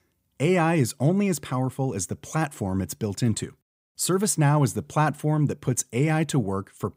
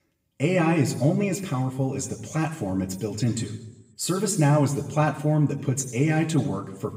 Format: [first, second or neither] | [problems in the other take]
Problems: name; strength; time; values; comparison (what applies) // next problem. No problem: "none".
first | room echo; slight; dies away in 0.8 s // off-mic speech; somewhat distant